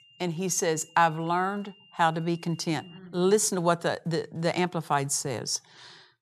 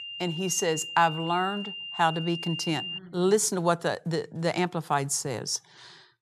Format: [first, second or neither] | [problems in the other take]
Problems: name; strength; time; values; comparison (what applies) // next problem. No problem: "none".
first | high-pitched whine; loud; until 3 s; 3 kHz, 7 dB below the speech; faint in the first